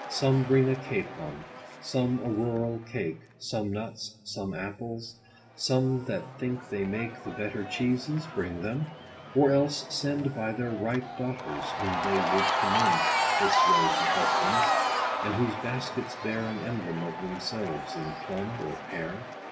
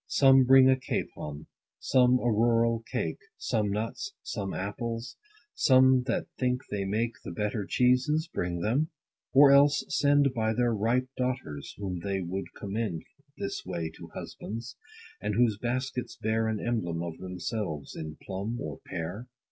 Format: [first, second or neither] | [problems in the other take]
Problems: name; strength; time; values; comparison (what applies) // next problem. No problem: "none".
second | background sound (Crowd / Cheering); 1 dB below the speech // room echo; dies away in 1.4 s